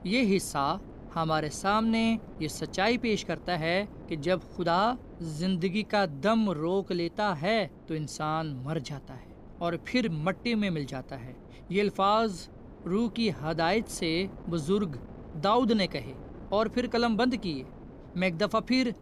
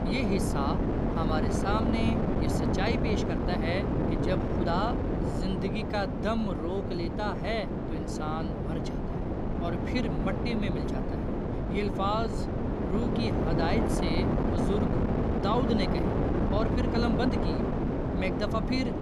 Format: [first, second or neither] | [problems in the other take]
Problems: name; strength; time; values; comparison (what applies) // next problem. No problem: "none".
first | wind noise on the microphone; heavy; as loud as the speech; occasional gusts in the first